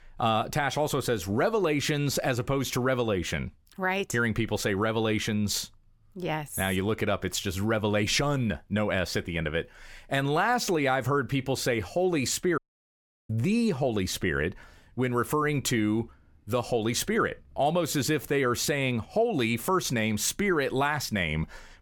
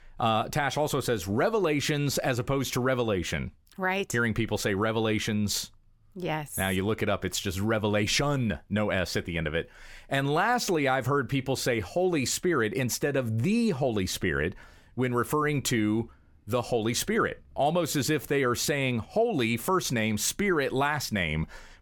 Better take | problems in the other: second | audio cutting out; at 13 s for 0.5 s

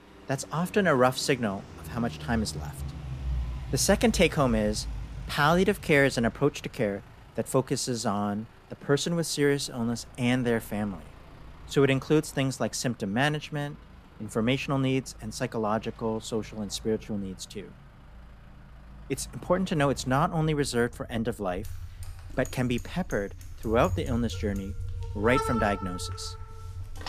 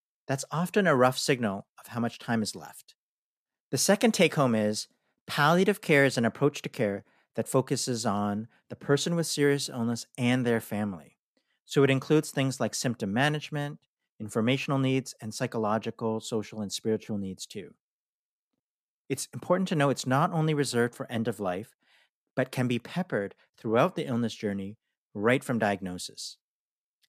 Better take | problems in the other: second | traffic noise; noticeable; throughout; 15 dB below the speech

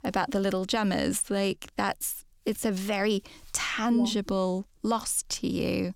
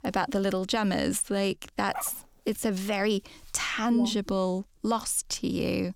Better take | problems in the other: first | dog barking; faint; at 2 s; peak 10 dB below the speech

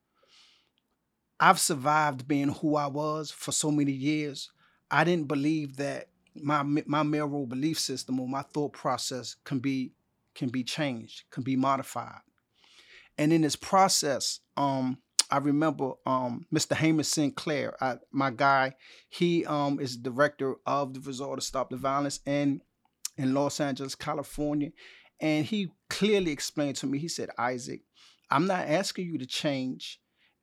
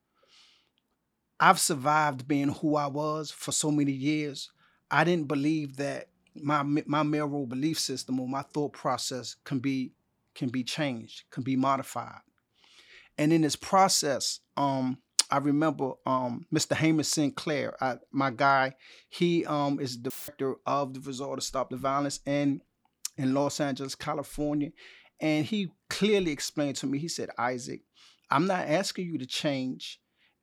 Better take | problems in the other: first | audio cutting out; filled with static; at 20 s

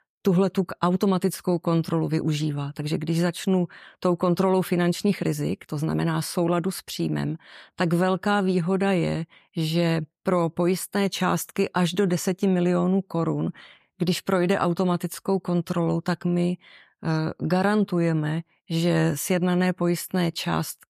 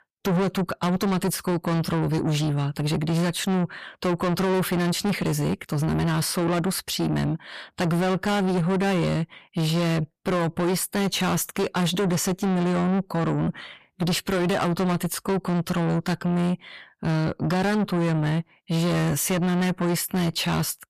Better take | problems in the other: first | distortion; heavy; 7 dB below the speech

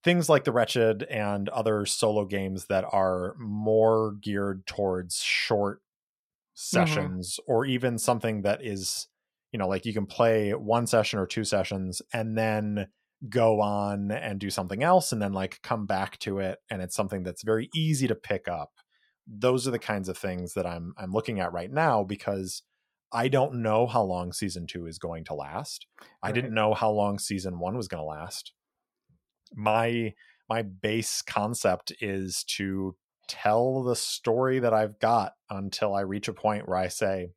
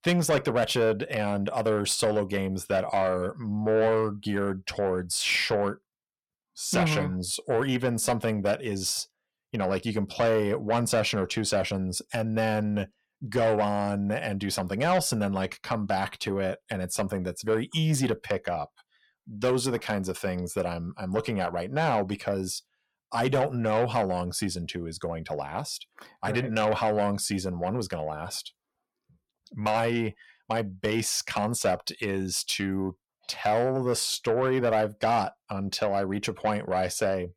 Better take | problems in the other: first | distortion; slight; 10 dB below the speech

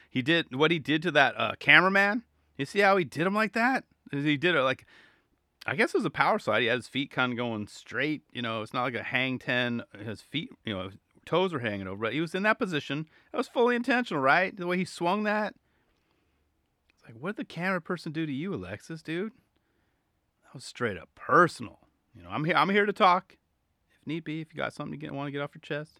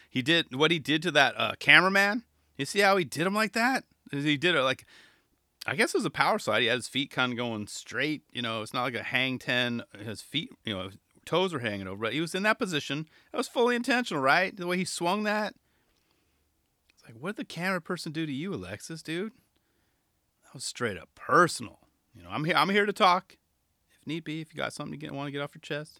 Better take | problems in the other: second | muffled; slightly; fading above 4 kHz

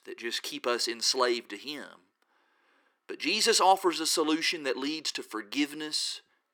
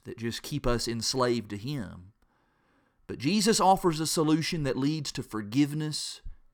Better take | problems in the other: second | thin; somewhat; fading below 350 Hz

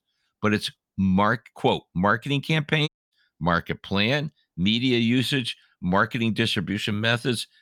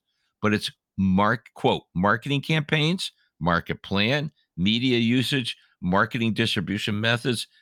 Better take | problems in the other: second | audio cutting out; at 3 s

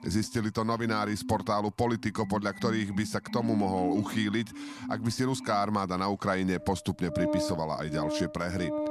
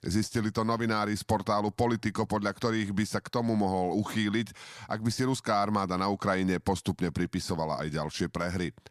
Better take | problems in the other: second | background music; loud; throughout; 6 dB below the speech

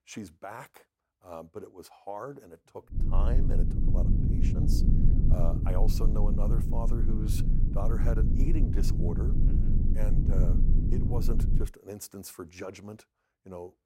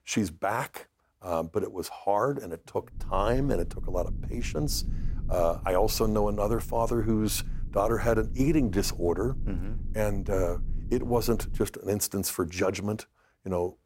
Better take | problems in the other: second | low rumble; loud; from 3 to 12 s; as loud as the speech; faint in the second

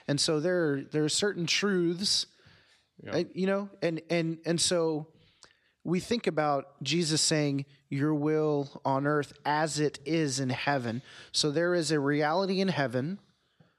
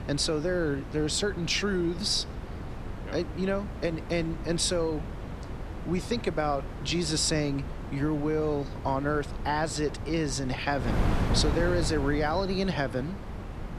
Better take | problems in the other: first | wind noise on the microphone; occasional gusts; 10 dB below the speech

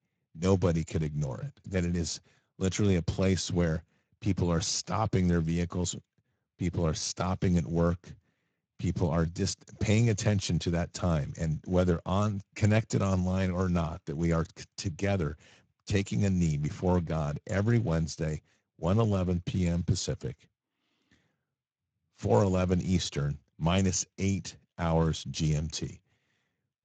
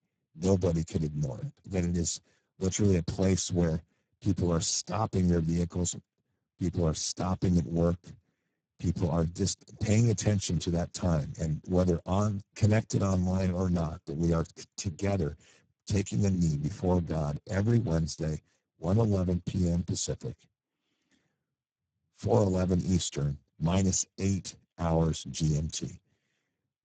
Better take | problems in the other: first | garbled, watery; badly; nothing above 7.5 kHz; slightly in the first

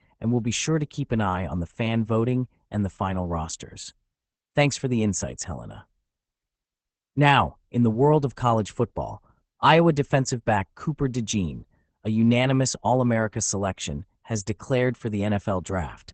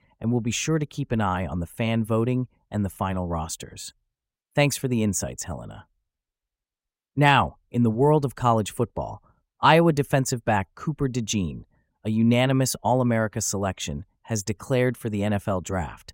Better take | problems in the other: second | garbled, watery; badly; nothing above 8 kHz

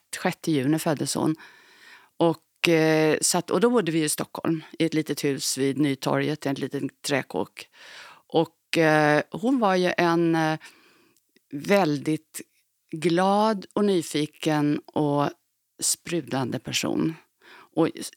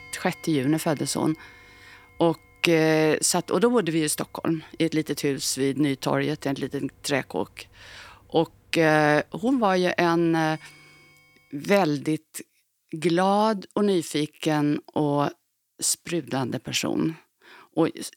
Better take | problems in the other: first | household noises; faint; until 12 s; 30 dB below the speech

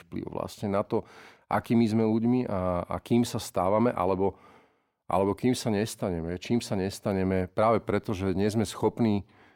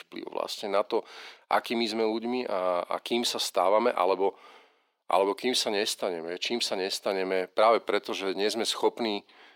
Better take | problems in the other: first | thin; somewhat; fading below 350 Hz

